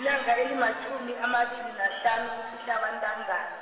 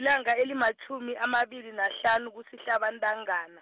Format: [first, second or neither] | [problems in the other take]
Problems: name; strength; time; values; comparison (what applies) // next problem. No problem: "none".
second | background sound (Crowd); 14 dB below the speech // room echo; dies away in 1.6 s